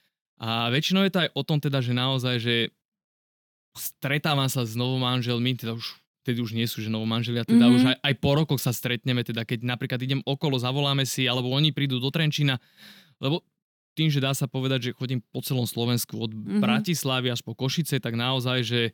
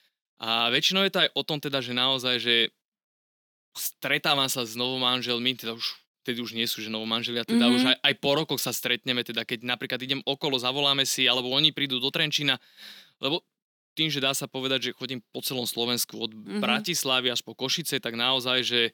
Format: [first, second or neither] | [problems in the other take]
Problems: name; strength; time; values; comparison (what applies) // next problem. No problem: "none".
first | thin; somewhat; fading below 300 Hz